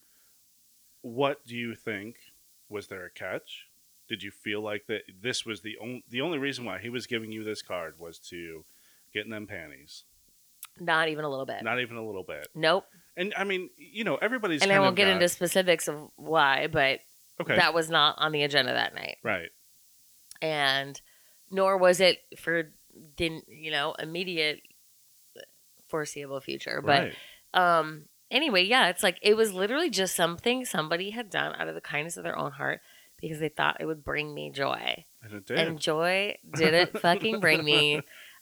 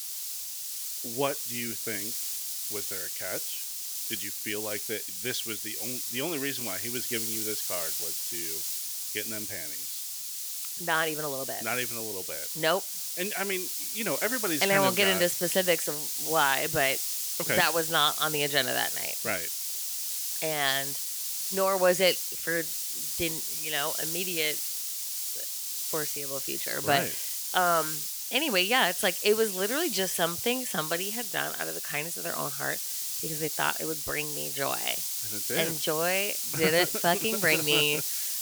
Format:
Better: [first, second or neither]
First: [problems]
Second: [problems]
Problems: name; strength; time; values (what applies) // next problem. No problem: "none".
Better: first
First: hiss; faint; throughout; 30 dB below the speech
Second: hiss; loud; throughout; as loud as the speech